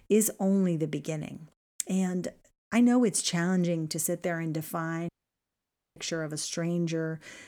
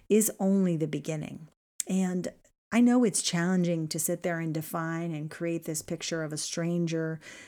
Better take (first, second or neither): second